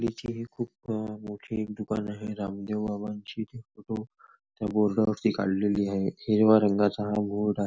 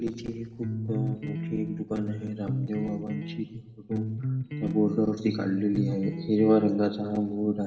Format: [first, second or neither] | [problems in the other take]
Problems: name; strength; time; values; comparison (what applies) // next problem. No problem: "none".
first | background sound (Electric guitar); 5 dB below the speech // room echo; dies away in 2.9 s